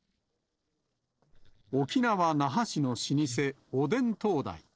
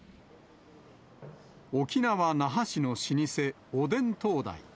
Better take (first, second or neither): second